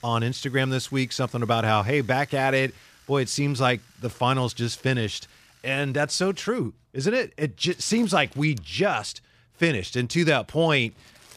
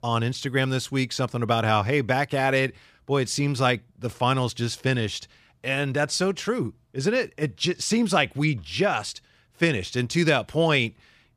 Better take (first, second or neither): second